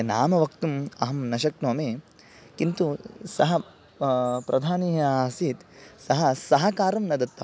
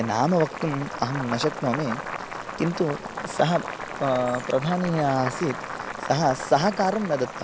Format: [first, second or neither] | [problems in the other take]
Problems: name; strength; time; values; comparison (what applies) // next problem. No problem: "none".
first | background sound (Boiling); 8 dB below the speech